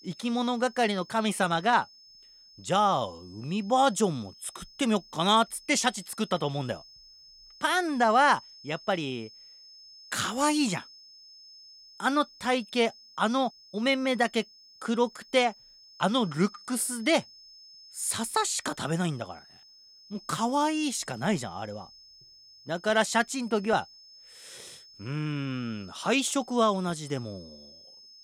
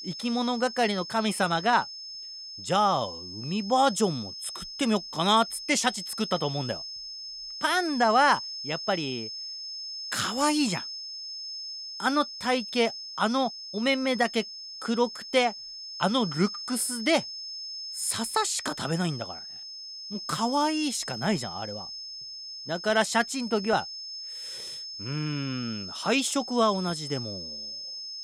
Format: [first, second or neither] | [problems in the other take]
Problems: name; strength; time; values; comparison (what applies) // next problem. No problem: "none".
first | high-pitched whine; loud; throughout; 5 kHz, 9 dB below the speech; faint in the first